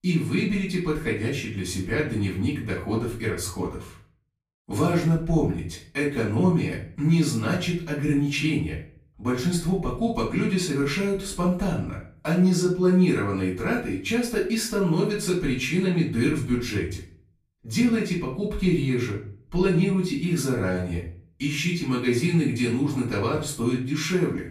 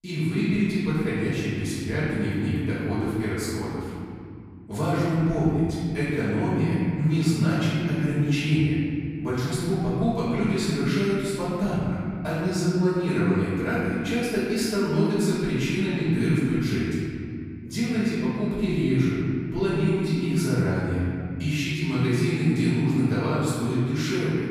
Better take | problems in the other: first | room echo; strong; dies away in 2.6 s; slight in the first // off-mic speech; far; far in the first

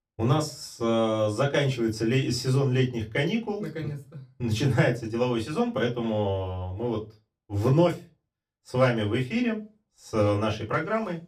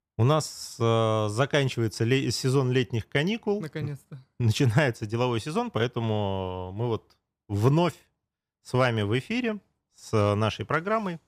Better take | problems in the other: second | off-mic speech; far // room echo; very slight; dies away in 0.2 s

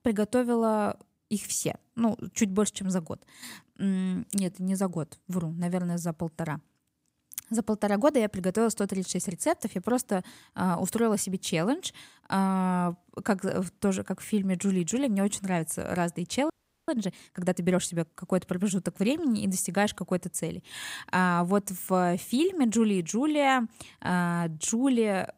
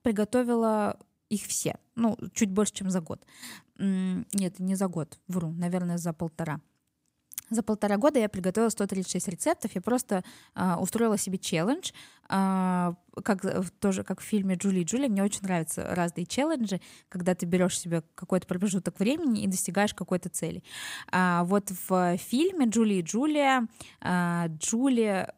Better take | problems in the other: second | audio freezing; at 17 s

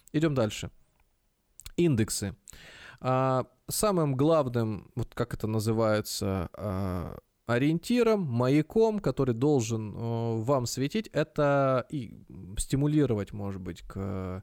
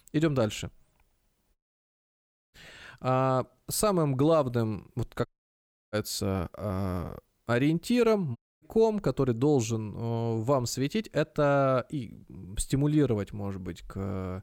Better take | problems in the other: first | audio cutting out; at 1.5 s for 1 s, at 5.5 s for 0.5 s and at 8.5 s

